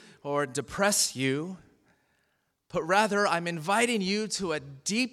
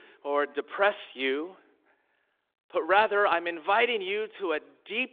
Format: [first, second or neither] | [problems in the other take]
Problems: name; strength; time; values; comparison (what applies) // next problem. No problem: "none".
first | phone-call audio